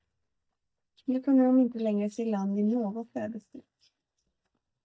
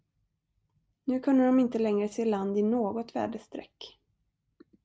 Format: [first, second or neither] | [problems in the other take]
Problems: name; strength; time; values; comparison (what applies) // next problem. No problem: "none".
second | noise reduction (neural mask model DeepFilterNet 3)